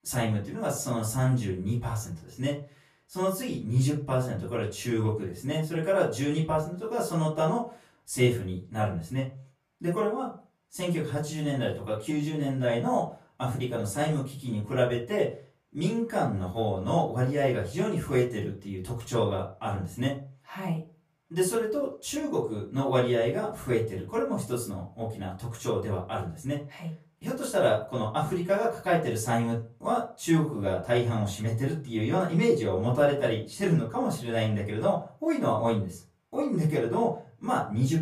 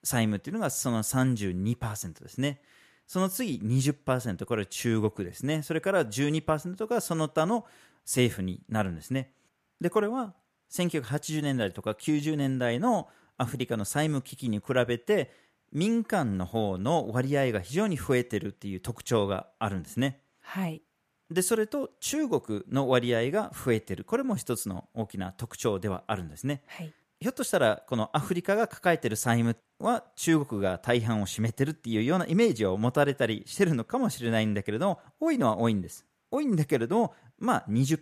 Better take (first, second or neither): second